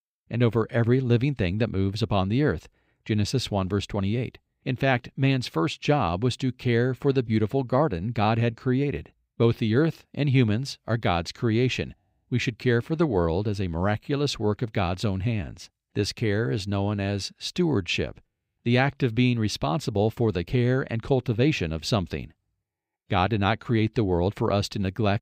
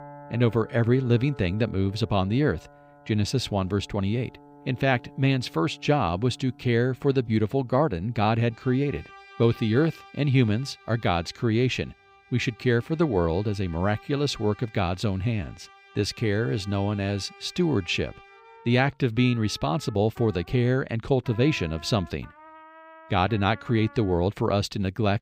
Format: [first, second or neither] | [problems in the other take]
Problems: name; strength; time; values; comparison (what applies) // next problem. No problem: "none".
first | background music; faint; throughout; 25 dB below the speech